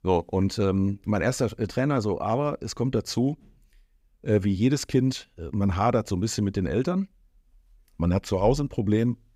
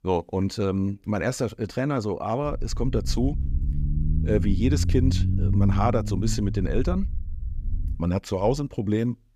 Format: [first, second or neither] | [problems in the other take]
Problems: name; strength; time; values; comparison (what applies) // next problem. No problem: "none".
first | low rumble; noticeable; from 2.5 to 8 s; 10 dB below the speech